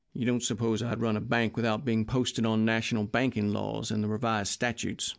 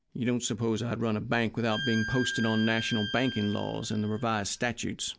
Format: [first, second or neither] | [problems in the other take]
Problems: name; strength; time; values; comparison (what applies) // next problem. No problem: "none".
first | background sound (Bowed string instrument); 9 dB below the speech